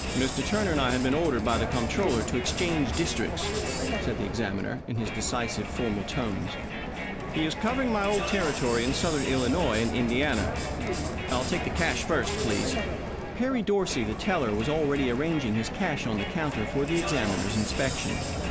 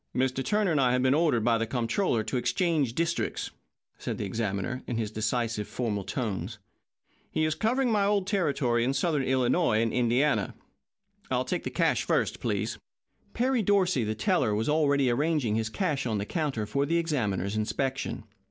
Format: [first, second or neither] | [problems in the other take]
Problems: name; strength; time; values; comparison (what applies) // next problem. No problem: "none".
second | background sound (Crowd); 3 dB below the speech